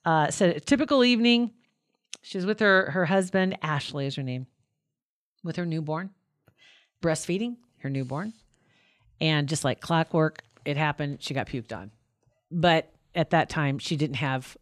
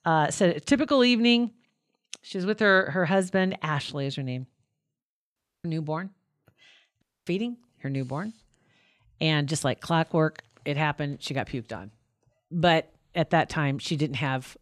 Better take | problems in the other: first | audio cutting out; at 5.5 s and at 7 s

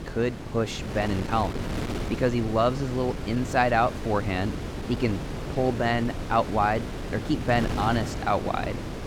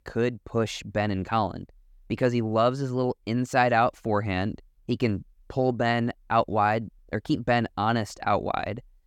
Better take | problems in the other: second | wind noise on the microphone; occasional gusts; 10 dB below the speech

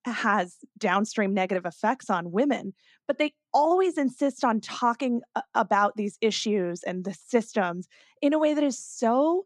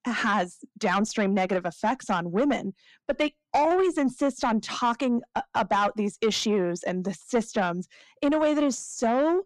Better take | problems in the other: first | distortion; slight; 10 dB below the speech

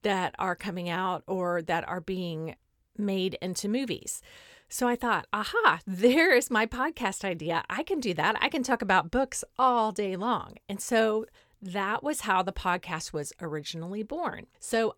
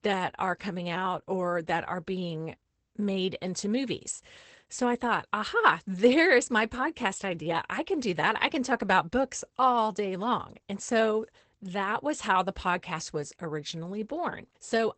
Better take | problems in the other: first | garbled, watery; badly; nothing above 8 kHz

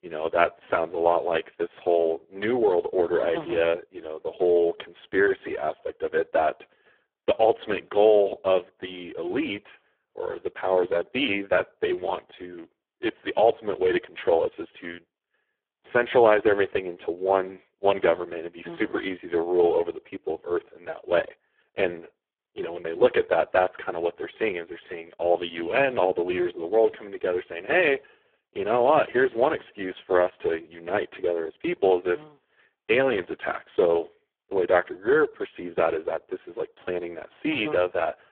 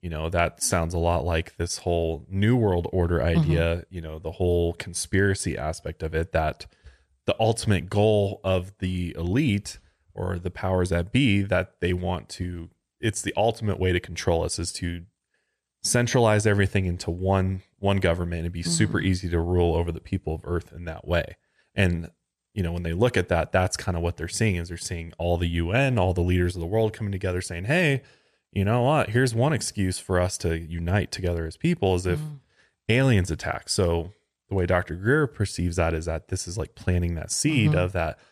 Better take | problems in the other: second | phone-call audio; poor line

